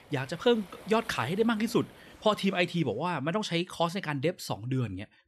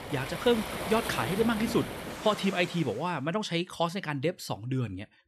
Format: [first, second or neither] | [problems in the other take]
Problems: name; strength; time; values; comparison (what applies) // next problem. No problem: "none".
first | rain or running water; loud; until 3 s; 7 dB below the speech; faint in the first